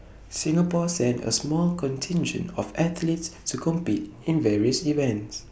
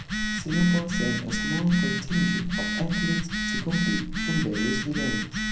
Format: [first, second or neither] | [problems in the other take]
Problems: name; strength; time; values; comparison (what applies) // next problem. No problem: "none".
first | background sound (Telephone); 1 dB below the speech // room echo; dies away in 0.6 s